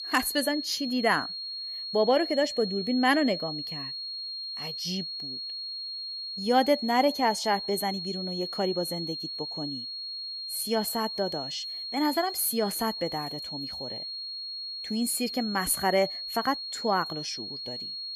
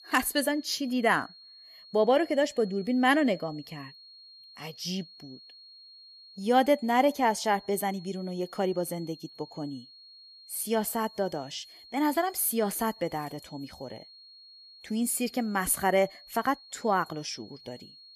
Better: second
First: high-pitched whine; loud; throughout; 4.5 kHz, 5 dB below the speech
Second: high-pitched whine; faint; throughout; 4.5 kHz, 20 dB below the speech

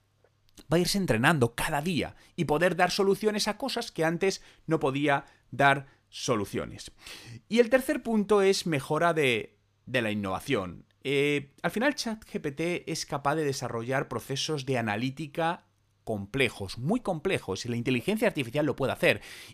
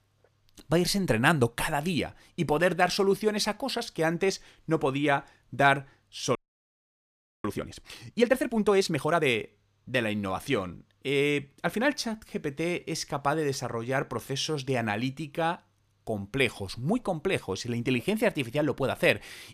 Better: first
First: none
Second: audio freezing; at 6.5 s for 1 s

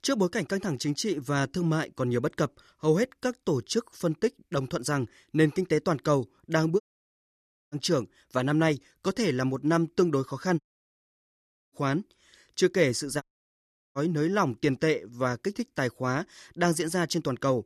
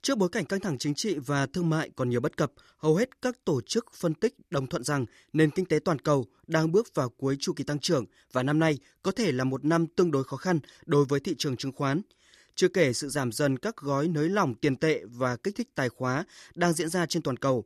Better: second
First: audio cutting out; at 7 s for 1 s, at 11 s for 1 s and at 13 s for 0.5 s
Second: none

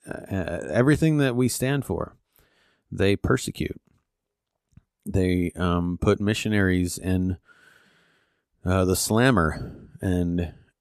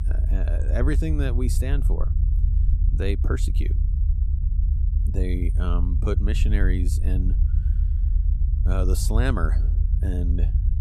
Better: first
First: none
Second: low rumble; loud; throughout; 9 dB below the speech

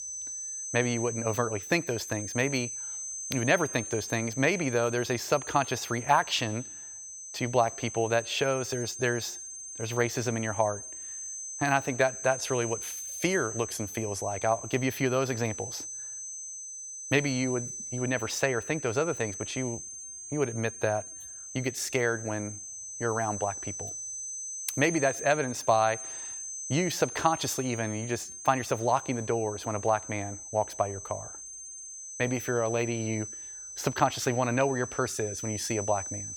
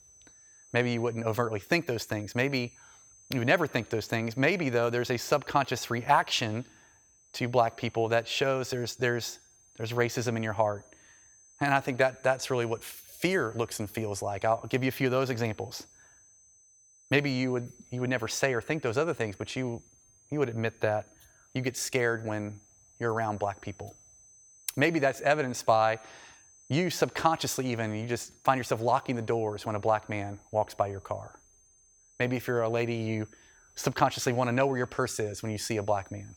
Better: second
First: high-pitched whine; loud; throughout; 6.5 kHz, 8 dB below the speech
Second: high-pitched whine; faint; throughout; 6.5 kHz, 30 dB below the speech

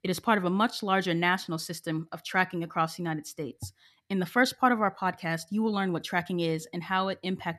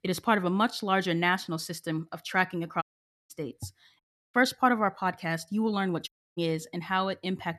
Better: first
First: none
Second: audio cutting out; at 3 s, at 4 s and at 6 s

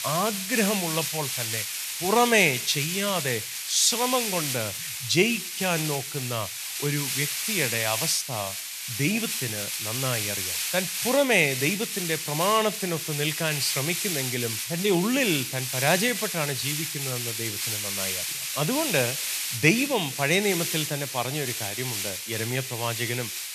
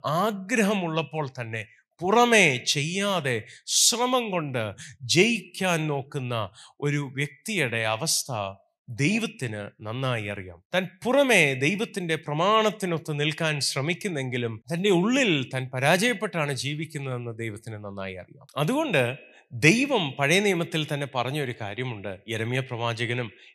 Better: second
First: hiss; loud; throughout; 2 dB below the speech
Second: none

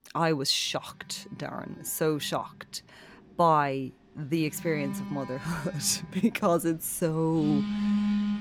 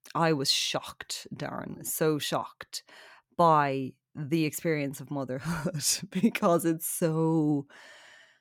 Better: second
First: alarms or sirens; loud; throughout; 4 dB below the speech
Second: none

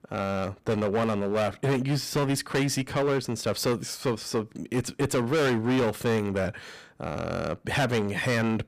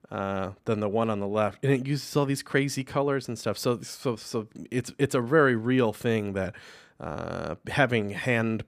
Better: second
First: distortion; heavy; 15% of the sound clipped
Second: none

